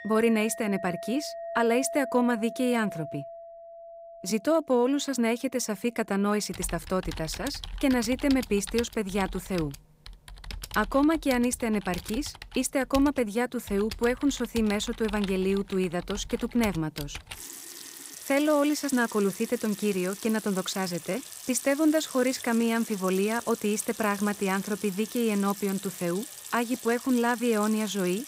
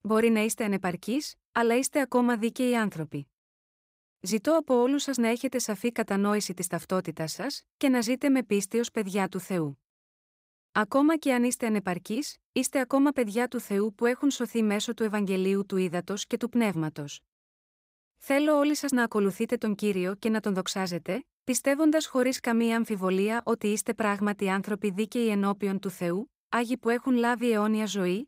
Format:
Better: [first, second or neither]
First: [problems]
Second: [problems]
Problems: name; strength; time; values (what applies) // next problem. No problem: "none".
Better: second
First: household noises; noticeable; throughout; 15 dB below the speech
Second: none